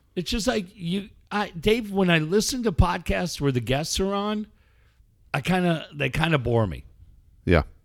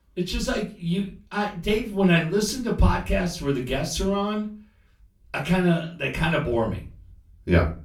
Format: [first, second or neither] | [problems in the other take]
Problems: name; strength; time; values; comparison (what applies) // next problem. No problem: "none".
first | off-mic speech; far // room echo; slight; dies away in 0.3 s